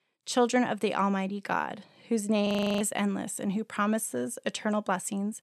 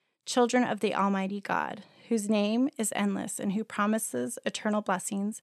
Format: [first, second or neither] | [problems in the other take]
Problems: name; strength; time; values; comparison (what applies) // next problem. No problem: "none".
second | audio freezing; at 2.5 s